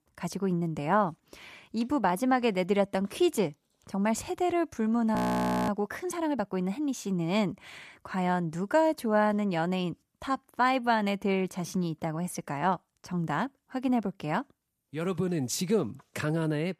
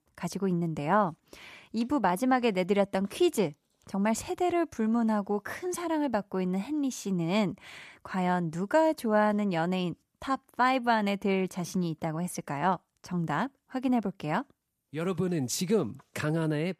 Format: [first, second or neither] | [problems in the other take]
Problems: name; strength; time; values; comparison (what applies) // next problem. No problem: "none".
second | audio freezing; at 5 s for 0.5 s